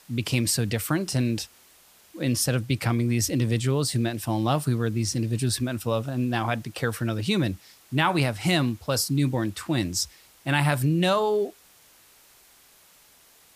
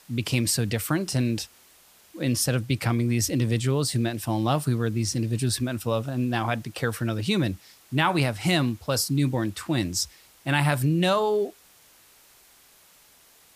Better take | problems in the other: neither | hiss; faint; throughout; 30 dB below the speech; the same in both

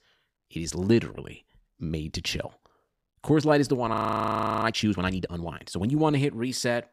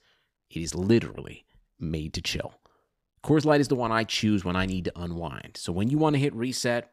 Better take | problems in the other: second | audio freezing; at 4 s for 0.5 s

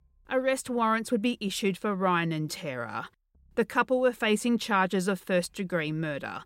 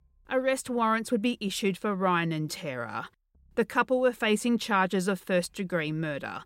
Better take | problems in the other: neither | none

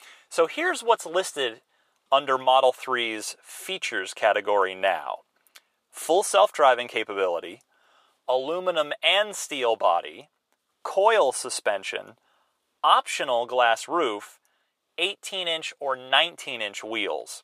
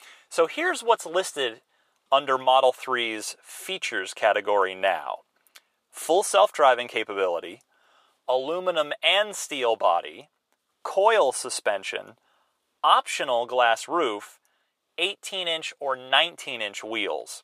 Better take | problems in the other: neither | thin; very; fading below 500 Hz; the same in both

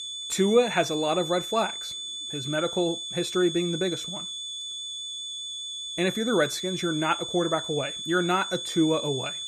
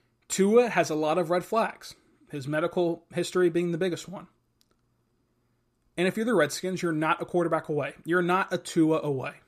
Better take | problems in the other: second | high-pitched whine; loud; throughout; 3.5 kHz, 6 dB below the speech

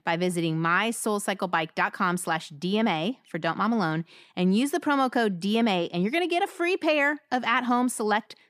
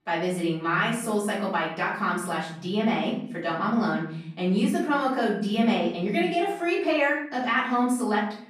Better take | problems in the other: first | off-mic speech; far // room echo; noticeable; dies away in 0.7 s

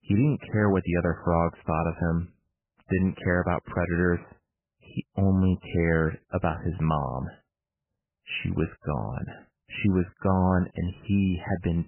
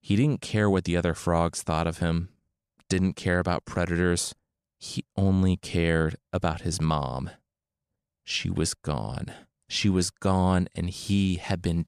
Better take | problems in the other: second | garbled, watery; badly; nothing above 3 kHz

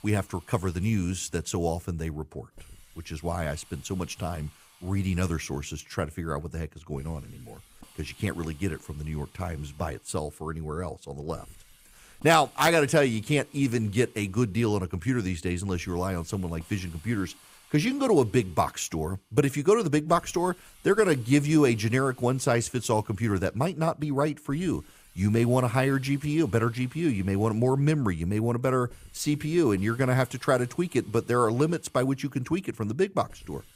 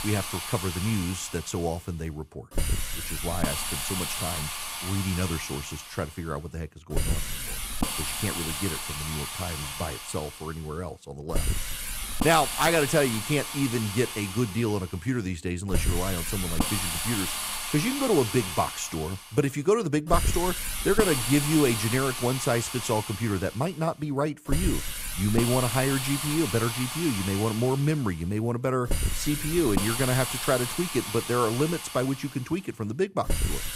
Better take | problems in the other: first | hiss; loud; throughout; 3 dB below the speech; faint in the first

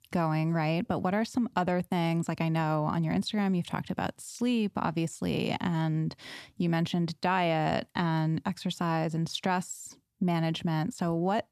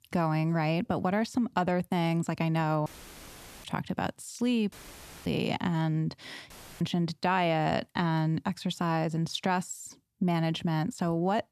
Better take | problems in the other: first | audio cutting out; filled with static; at 3 s for 1 s, at 4.5 s for 0.5 s and at 6.5 s

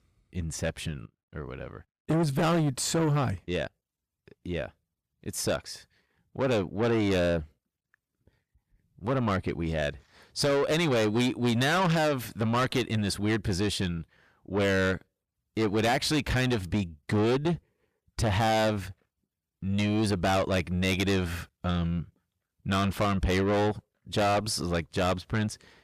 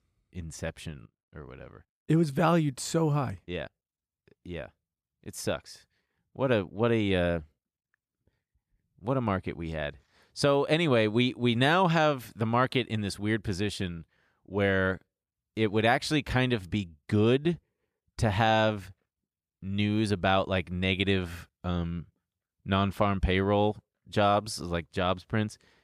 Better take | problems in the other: second | distortion; heavy; 6 dB below the speech

